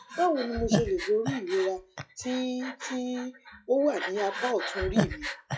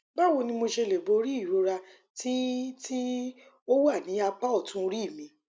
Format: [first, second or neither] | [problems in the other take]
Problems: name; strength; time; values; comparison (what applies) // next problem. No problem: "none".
second | noise reduction (classical method log-MMSE)